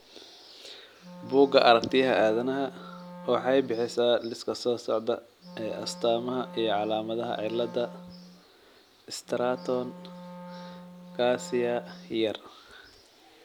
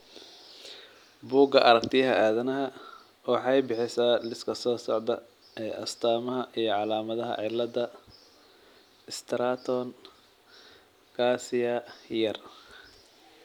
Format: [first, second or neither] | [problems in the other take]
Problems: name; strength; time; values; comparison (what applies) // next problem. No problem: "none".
second | background sound (Wind instrument, woodwind instrument); 16 dB below the speech